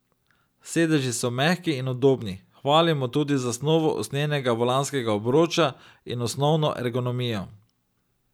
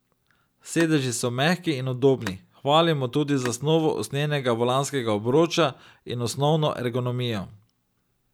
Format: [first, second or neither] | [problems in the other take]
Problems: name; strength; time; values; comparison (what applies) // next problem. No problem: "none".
first | background sound (Telephone); 19 dB below the speech